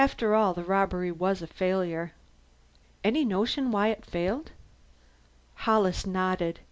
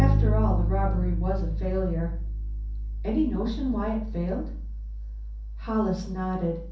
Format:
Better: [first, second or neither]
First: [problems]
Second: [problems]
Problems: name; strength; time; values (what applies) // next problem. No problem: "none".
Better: first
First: none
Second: background sound (Bass guitar); 2 dB above the speech // room echo; dies away in 0.6 s